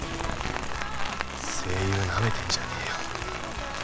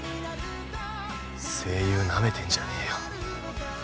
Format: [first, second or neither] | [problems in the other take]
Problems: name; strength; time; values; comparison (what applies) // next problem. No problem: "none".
second | background sound (Rain); 1 dB below the speech